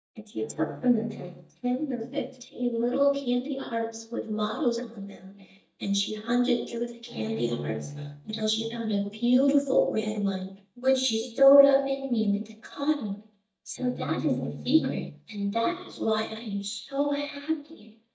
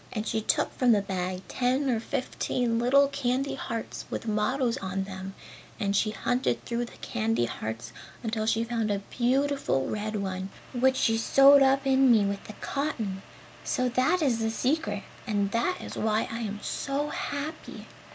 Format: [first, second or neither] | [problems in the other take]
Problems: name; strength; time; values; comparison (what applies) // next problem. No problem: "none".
second | noise reduction (neural mask model DeepFilterNet 3)